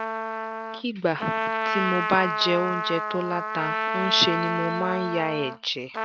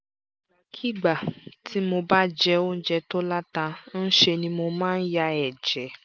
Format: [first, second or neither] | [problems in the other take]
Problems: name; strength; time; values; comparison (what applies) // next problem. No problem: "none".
second | background sound (Trumpet); 1 dB below the speech